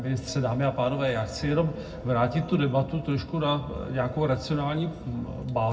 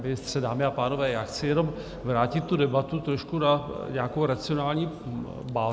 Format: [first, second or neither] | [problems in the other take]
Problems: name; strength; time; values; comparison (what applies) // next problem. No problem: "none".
second | room echo; dies away in 0.3 s